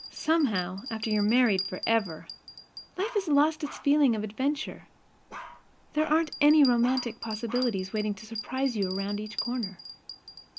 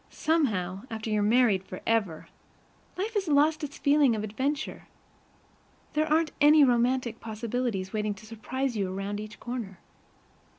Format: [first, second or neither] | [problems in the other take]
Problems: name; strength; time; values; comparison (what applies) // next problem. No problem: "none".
second | background sound (Bell + Bark); 13 dB below the speech